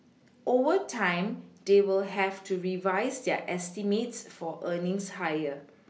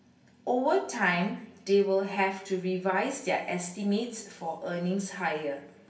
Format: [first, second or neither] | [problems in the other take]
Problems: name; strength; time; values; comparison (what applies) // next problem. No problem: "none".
first | room echo; dies away in 0.8 s